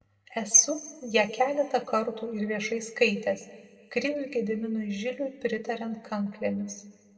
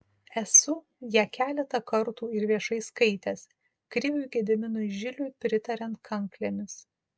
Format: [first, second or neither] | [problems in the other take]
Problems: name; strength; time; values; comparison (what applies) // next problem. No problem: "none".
second | room echo; dies away in 1.1 s